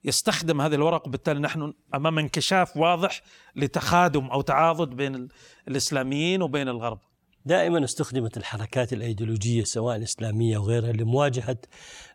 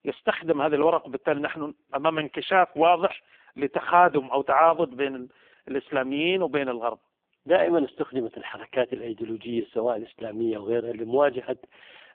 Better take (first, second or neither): first